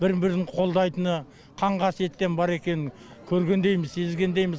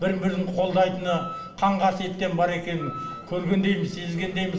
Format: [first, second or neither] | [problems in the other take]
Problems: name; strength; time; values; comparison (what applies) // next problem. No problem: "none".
first | background sound (Wind instrument, woodwind instrument); 16 dB below the speech // room echo; dies away in 2 s